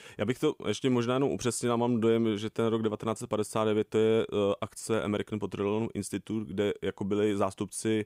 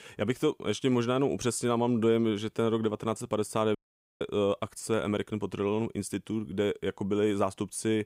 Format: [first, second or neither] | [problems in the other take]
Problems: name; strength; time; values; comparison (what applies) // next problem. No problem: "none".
first | audio cutting out; at 4 s